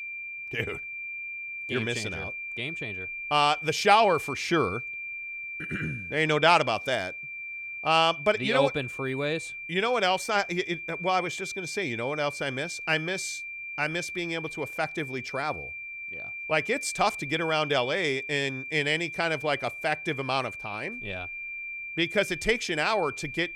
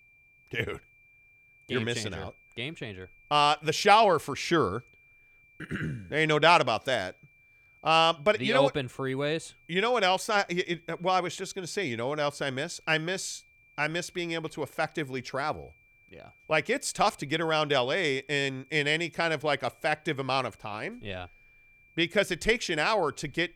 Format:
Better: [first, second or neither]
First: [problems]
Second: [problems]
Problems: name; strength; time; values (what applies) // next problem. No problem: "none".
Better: second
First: high-pitched whine; loud; throughout; 2.5 kHz, 8 dB below the speech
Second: high-pitched whine; faint; throughout; 2.5 kHz, 30 dB below the speech